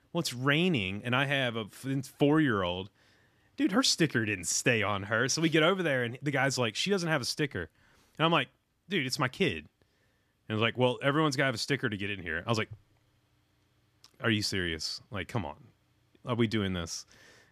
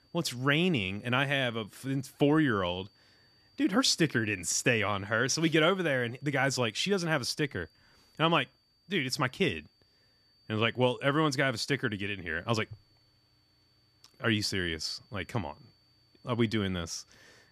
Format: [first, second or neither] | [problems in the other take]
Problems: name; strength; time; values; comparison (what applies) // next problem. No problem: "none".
first | high-pitched whine; faint; throughout; 4.5 kHz, 35 dB below the speech